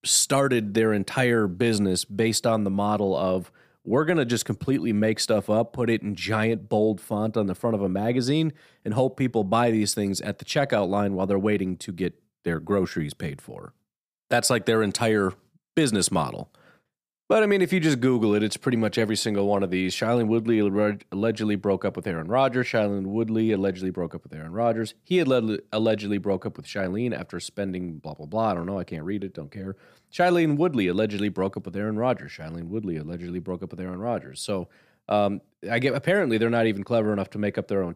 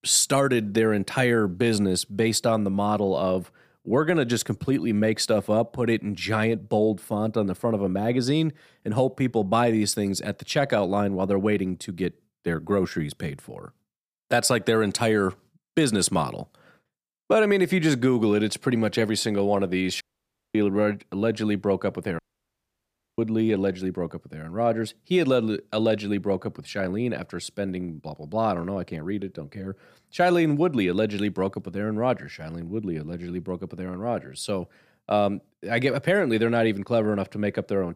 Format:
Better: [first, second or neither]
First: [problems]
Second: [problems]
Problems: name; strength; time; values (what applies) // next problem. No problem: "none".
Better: first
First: none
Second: audio cutting out; at 20 s for 0.5 s and at 22 s for 1 s